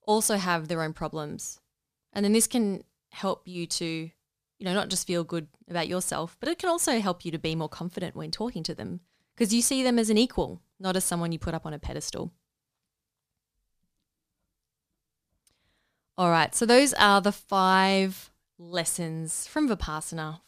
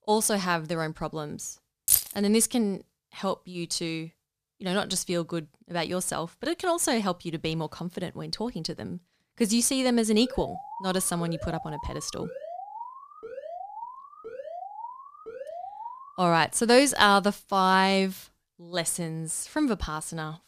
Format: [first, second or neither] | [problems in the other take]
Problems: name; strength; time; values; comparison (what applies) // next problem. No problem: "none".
first | jangling keys; loud; at 2 s; peak 5 dB above the speech // alarm; faint; from 10 to 16 s; peak 10 dB below the speech